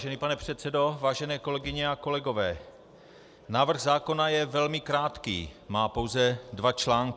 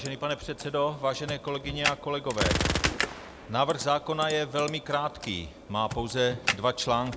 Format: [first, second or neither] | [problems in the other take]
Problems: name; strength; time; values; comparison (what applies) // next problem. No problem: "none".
first | background sound (Gunshot, gunfire + Computer keyboard); 5 dB below the speech